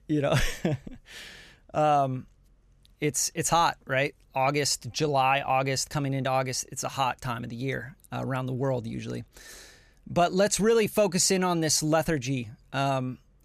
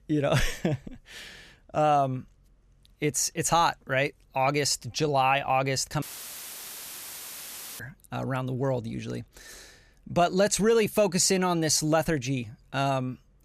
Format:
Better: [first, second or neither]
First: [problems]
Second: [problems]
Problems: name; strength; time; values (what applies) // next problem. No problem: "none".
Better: first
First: none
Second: audio cutting out; filled with static; at 6 s for 2 s